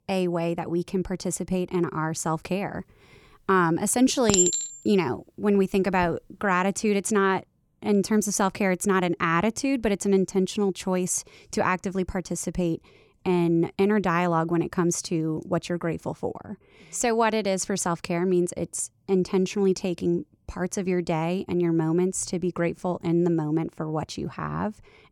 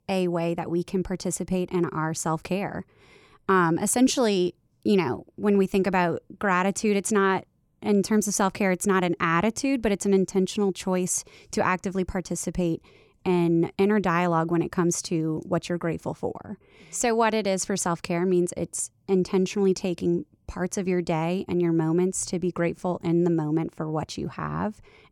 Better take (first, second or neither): second